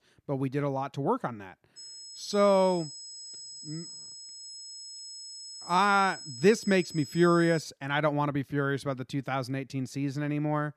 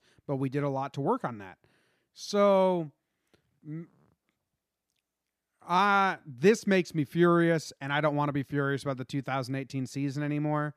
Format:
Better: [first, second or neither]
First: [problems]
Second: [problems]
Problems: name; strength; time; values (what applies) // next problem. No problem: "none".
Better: second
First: high-pitched whine; noticeable; from 2 to 7.5 s; 5 kHz, 15 dB below the speech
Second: none